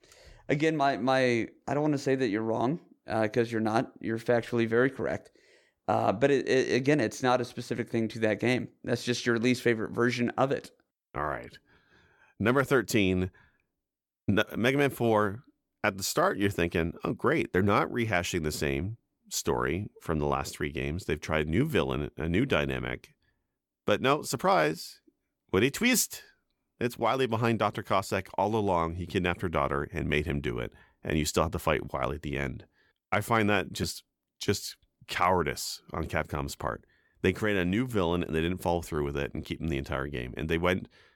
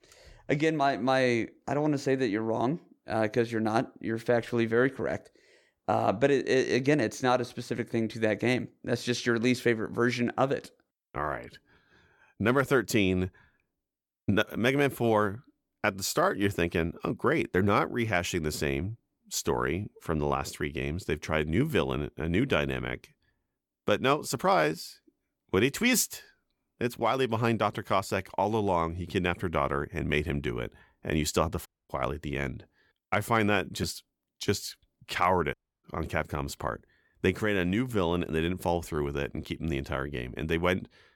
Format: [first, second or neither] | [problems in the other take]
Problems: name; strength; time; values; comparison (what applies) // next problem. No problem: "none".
first | audio cutting out; at 32 s and at 36 s